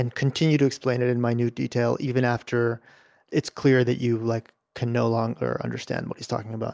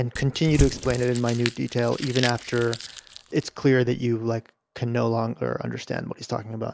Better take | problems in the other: first | background sound (Crumpling, crinkling / Crushing); 7 dB below the speech

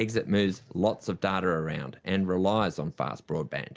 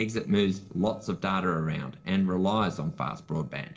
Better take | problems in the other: first | noise reduction (neural separator model SepFormer DNS4)

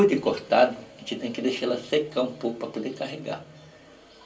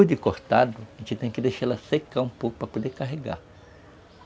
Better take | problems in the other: second | room echo; dies away in 0.3 s

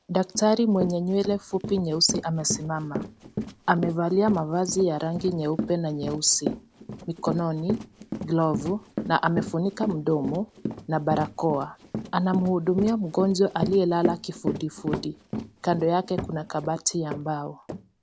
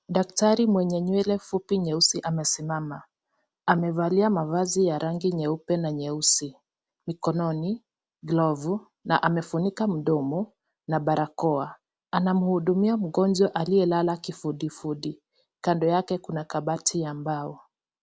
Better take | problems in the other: second | background sound (Run); 9 dB below the speech

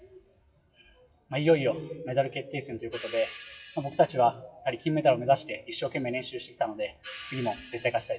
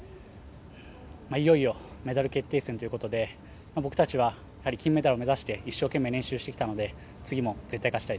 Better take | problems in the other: second | noise reduction (classical method WPE with log-MMSE)

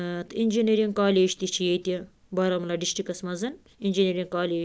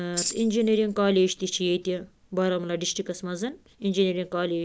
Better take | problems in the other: first | noise reduction (neural mask model Resemble Enhance denoiser)

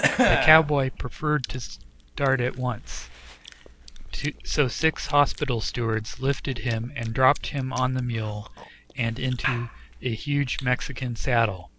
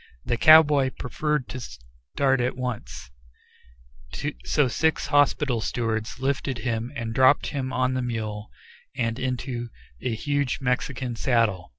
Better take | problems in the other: second | background sound (Chewing, mastication / Cough); 9 dB below the speech

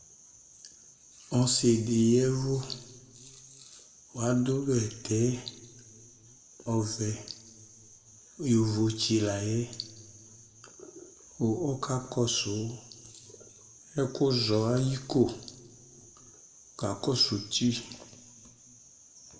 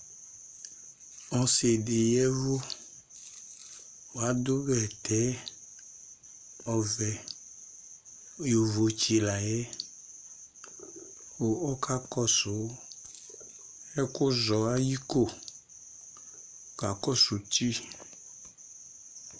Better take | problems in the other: second | room echo; dies away in 1.5 s

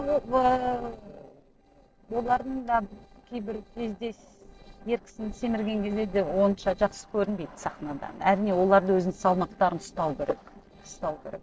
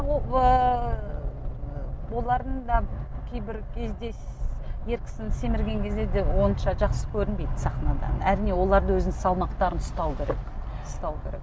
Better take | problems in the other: second | noise reduction (neural separator model SepFormer DNS4)

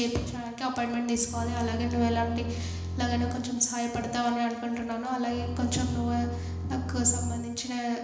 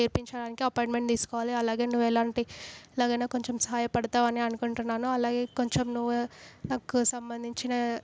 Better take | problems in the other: second | background sound (Bowed string instrument); 4 dB below the speech // room echo; dies away in 1 s

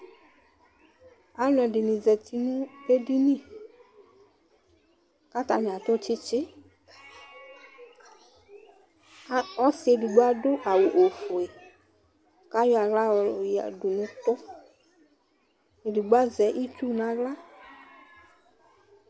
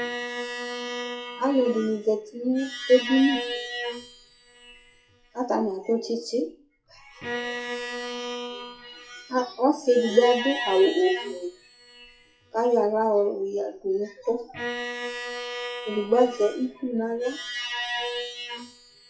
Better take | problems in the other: first | noise reduction (classical method WPE with log-MMSE)

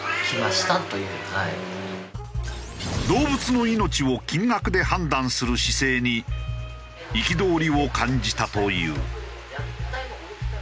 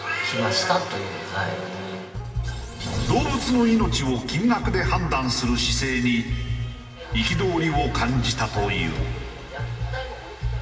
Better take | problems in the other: first | room echo; dies away in 2.3 s

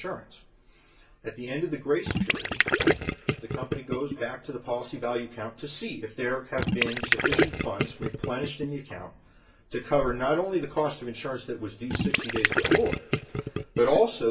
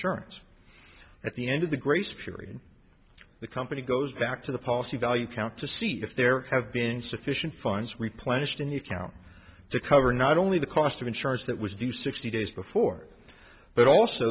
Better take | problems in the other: second | background sound (Gurgling); 3 dB above the speech // room echo; dies away in 0.2 s

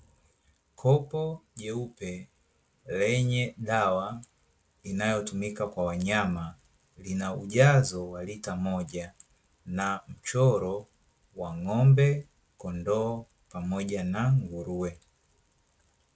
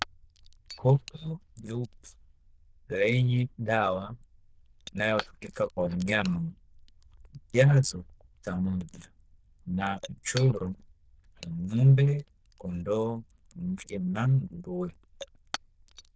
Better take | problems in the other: first | noise reduction (neural diffusion model UNIVERSE++)

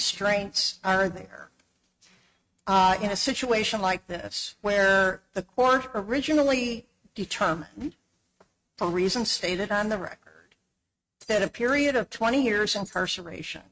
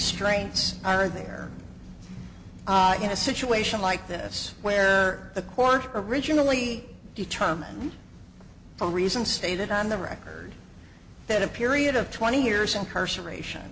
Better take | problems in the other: second | noise reduction (neural mask model RNNoise)

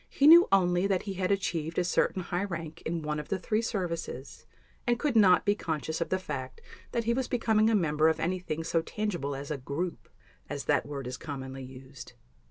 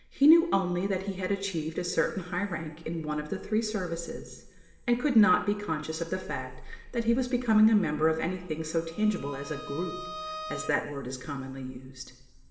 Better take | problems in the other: first | background sound (Bowed string instrument); 14 dB below the speech // room echo; dies away in 1.7 s

